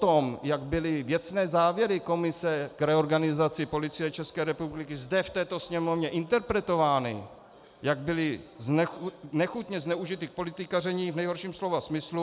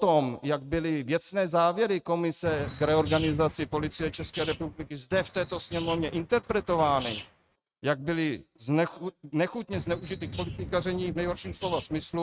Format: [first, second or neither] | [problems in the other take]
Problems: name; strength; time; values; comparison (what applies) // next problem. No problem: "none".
first | noise reduction (neural mask model RNNoise)